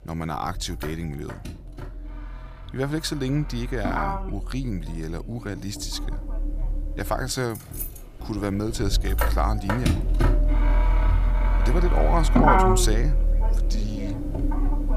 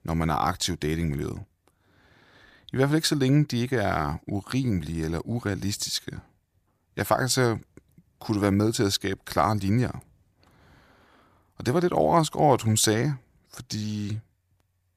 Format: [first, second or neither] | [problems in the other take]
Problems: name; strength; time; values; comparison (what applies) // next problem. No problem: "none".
second | traffic noise; very loud; throughout; 4 dB above the speech